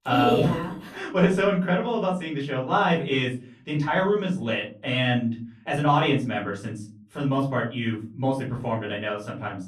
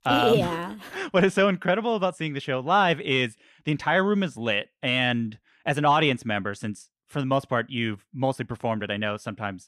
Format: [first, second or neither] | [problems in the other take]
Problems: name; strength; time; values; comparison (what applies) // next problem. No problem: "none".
second | off-mic speech; far // room echo; slight; dies away in 0.4 s